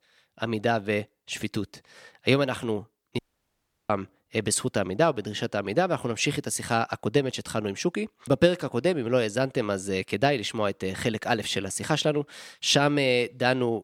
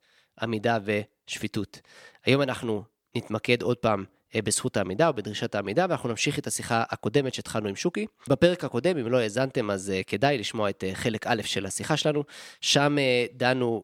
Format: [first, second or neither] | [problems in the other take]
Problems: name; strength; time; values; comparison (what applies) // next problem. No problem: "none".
second | audio cutting out; at 3 s for 0.5 s